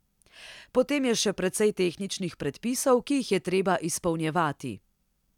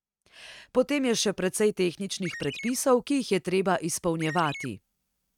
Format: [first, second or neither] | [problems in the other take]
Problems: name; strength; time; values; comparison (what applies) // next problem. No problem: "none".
first | noise reduction (neural mask model RNNoise)